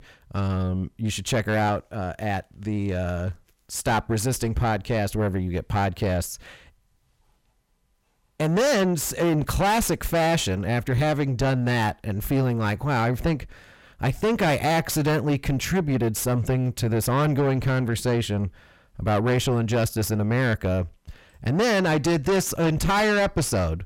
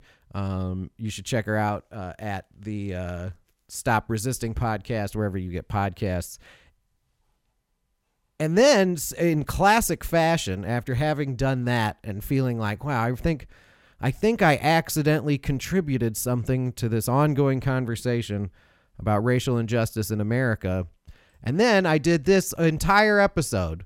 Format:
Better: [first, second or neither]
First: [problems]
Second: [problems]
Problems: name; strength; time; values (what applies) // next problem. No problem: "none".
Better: second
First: distortion; heavy; 6 dB below the speech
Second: none